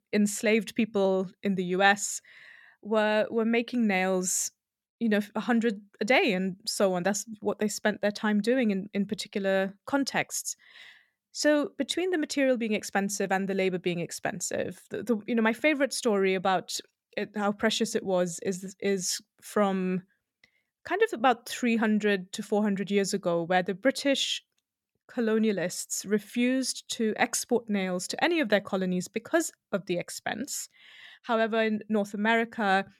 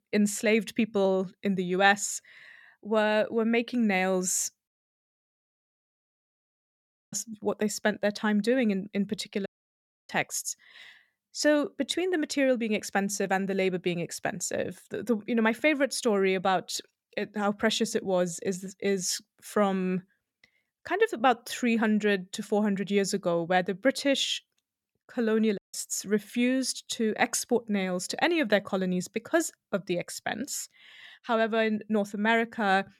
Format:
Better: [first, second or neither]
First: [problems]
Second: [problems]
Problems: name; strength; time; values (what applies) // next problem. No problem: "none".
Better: first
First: none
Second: audio cutting out; at 4.5 s for 2.5 s, at 9.5 s for 0.5 s and at 26 s